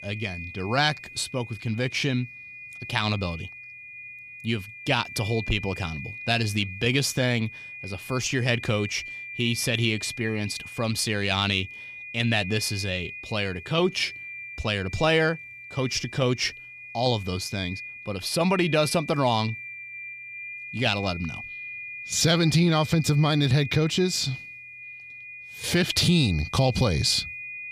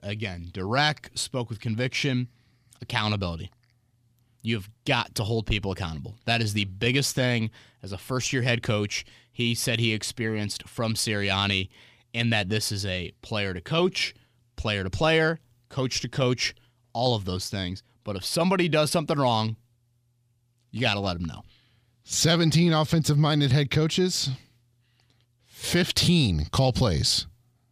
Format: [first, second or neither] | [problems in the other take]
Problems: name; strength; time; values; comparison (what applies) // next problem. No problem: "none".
second | high-pitched whine; noticeable; throughout; 2.5 kHz, 10 dB below the speech